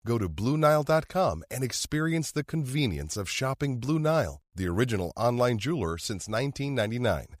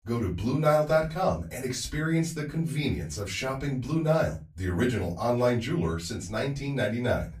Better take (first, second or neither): first